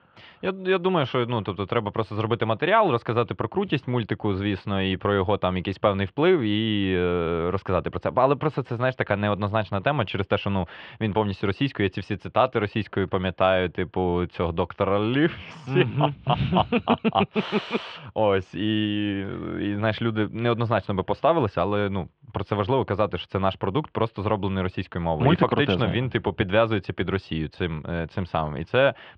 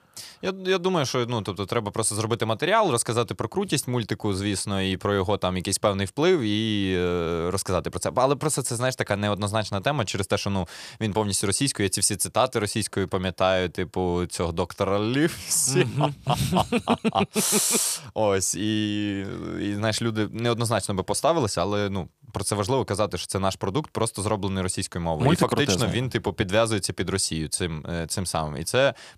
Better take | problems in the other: second | muffled; very; fading above 3 kHz

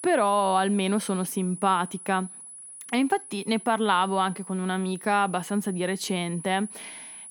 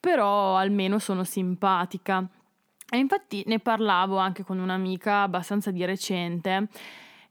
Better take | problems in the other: second | high-pitched whine; noticeable; throughout; 10 kHz, 15 dB below the speech

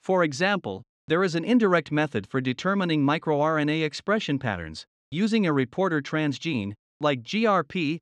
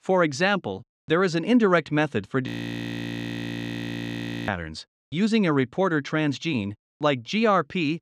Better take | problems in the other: first | audio freezing; at 2.5 s for 2 s

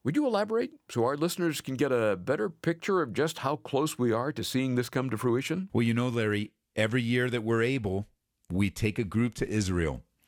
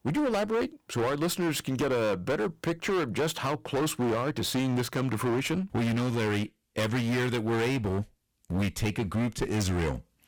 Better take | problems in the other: first | distortion; heavy; 27% of the sound clipped

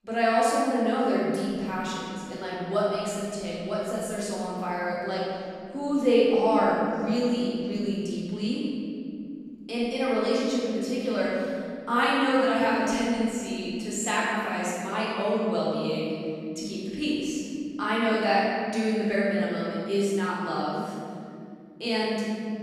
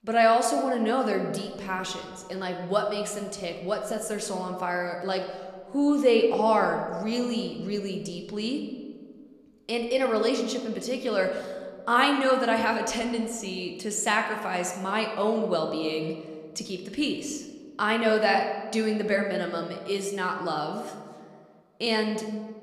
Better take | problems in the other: second | room echo; strong; dies away in 2.8 s; slight in the second // off-mic speech; far

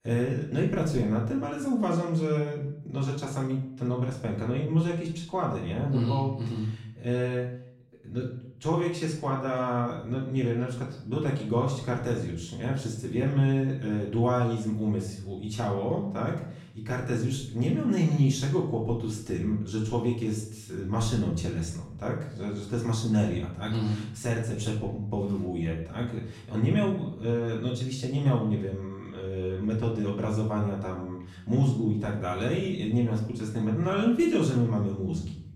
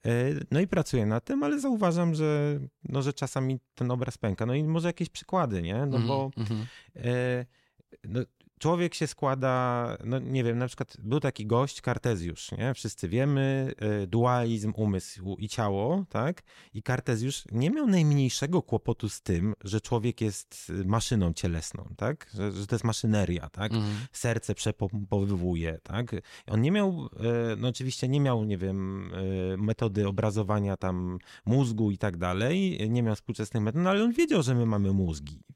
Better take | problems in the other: second | off-mic speech; far // room echo; noticeable; dies away in 0.6 s

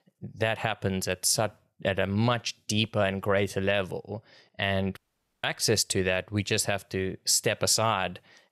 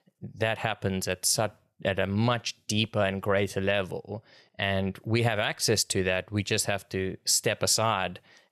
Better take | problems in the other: second | audio cutting out; at 5 s

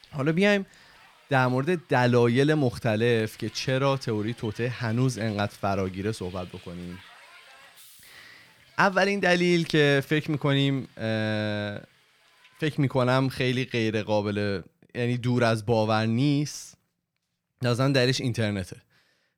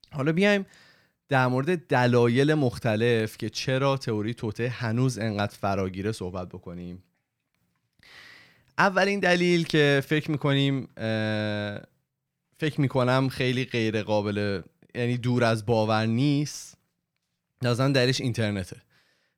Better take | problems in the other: second | hiss; faint; until 13 s; 25 dB below the speech

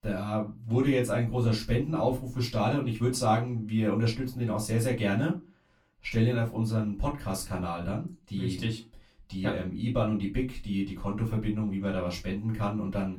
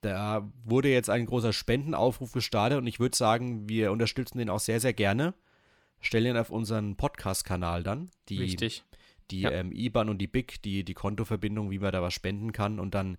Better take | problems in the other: second | off-mic speech; far // room echo; very slight; dies away in 0.2 s

